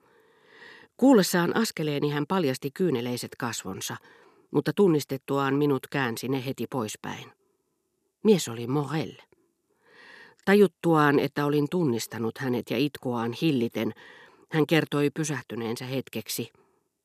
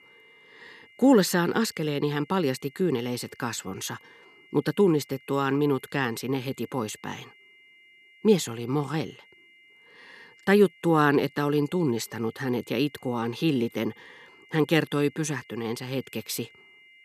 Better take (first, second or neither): first